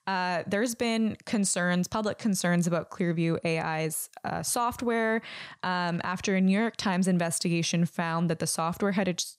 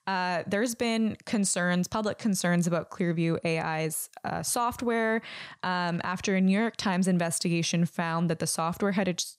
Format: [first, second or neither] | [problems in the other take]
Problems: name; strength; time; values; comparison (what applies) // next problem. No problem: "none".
neither | none